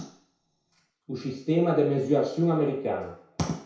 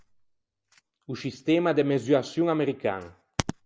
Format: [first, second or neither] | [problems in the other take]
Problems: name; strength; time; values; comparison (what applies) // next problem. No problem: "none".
second | room echo; dies away in 0.6 s